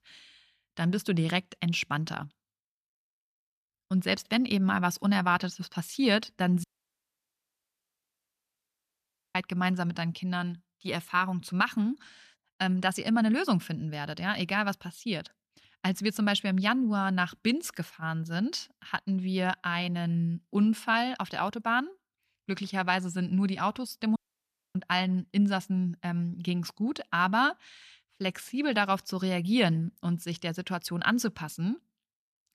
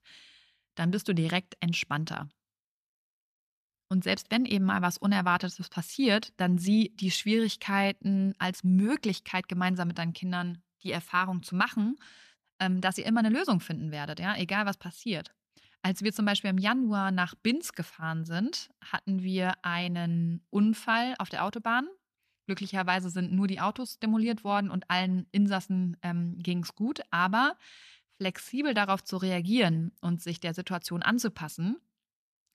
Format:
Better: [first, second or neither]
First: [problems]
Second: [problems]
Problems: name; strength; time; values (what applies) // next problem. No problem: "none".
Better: second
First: audio cutting out; at 6.5 s for 2.5 s and at 24 s for 0.5 s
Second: none